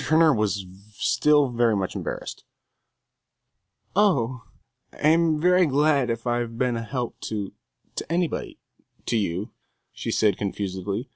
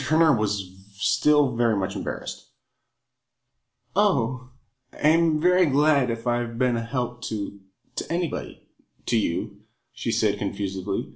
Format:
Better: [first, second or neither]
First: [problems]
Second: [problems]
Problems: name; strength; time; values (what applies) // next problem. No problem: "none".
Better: first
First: none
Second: room echo; dies away in 0.4 s